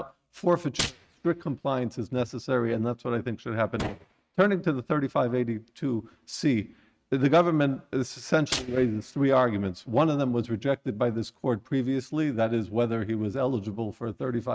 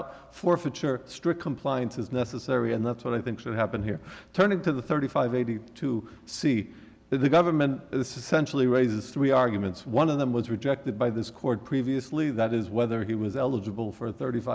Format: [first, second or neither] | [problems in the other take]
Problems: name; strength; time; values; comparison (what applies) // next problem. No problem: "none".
second | noise reduction (neural mask model RNNoise)